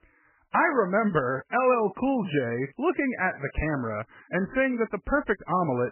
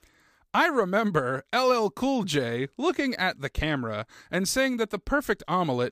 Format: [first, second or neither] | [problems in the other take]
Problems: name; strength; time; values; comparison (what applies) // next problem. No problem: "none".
second | garbled, watery; badly; nothing above 3 kHz